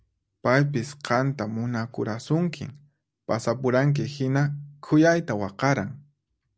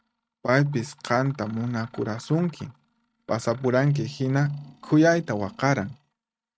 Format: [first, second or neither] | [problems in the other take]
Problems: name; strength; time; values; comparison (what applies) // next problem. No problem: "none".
first | noise reduction (neural mask model RNNoise)